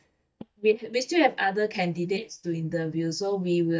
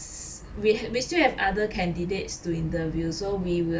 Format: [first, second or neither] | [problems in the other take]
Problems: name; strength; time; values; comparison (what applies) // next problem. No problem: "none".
second | noise reduction (neural mask model DeepFilterNet 3)